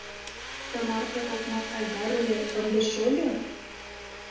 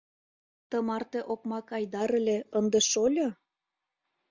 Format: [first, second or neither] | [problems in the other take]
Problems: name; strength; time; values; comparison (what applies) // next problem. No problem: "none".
second | background sound (Domestic sounds, home sounds); 8 dB below the speech // room echo; dies away in 0.9 s